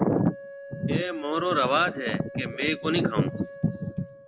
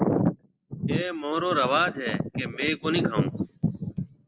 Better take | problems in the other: second | background sound (Wind instrument, woodwind instrument); 15 dB below the speech

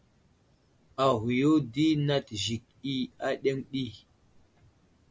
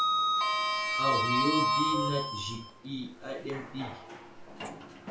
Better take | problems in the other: first | background sound (Sliding door); 5 dB above the speech // room echo; dies away in 0.3 s

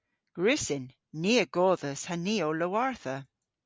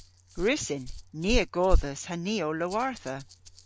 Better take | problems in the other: first | background sound (Rattle); 2 dB below the speech

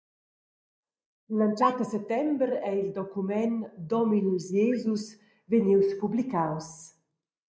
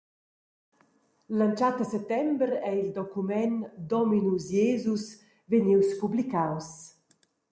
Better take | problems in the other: second | noise reduction (neural mask model Resemble Enhance denoiser)

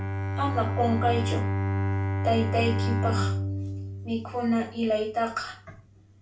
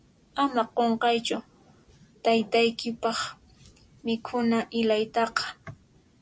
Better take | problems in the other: second | background sound (Bowed string instrument); 1 dB above the speech // room echo; dies away in 0.3 s

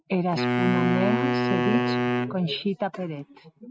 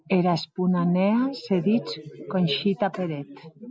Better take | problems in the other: second | noise reduction (neural mask model RNNoise)

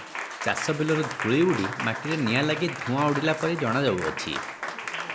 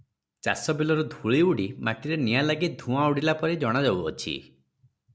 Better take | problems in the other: second | background sound (Applause); 7 dB below the speech

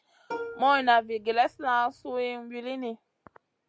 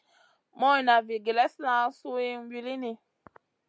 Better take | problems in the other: second | background sound (Plucked string instrument); 14 dB below the speech

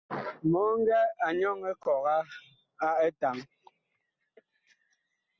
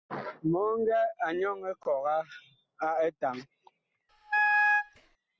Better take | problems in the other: first | background sound (Wind instrument, woodwind instrument); 5 dB above the speech

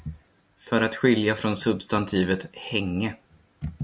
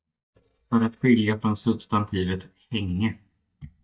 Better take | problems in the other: first | noise reduction (neural mask model DeepFilterNet 3)

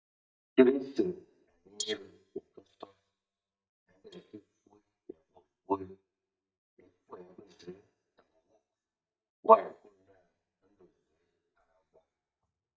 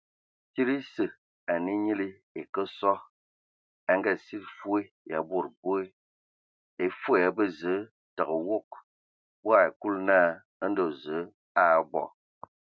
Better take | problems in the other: second | noise reduction (neural mask model DeepFilterNet 3)

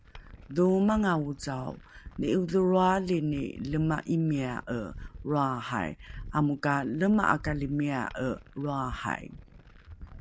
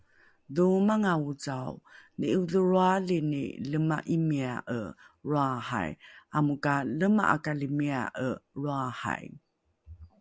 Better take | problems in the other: second | background sound (Glass); 17 dB below the speech

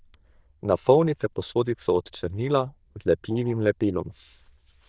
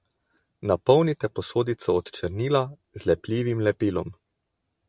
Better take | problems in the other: second | noise reduction (neural diffusion model UNIVERSE++)

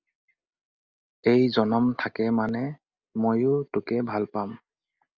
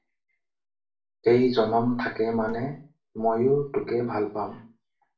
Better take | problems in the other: first | room echo; dies away in 0.3 s

